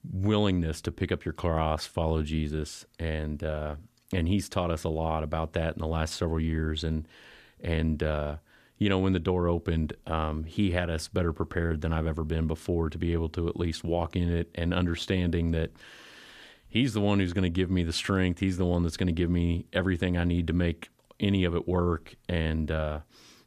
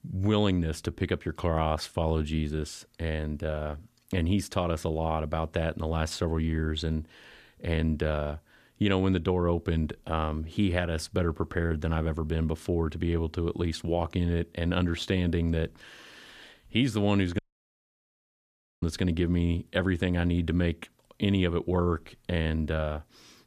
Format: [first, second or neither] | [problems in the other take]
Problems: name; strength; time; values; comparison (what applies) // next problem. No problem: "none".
first | audio cutting out; at 17 s for 1.5 s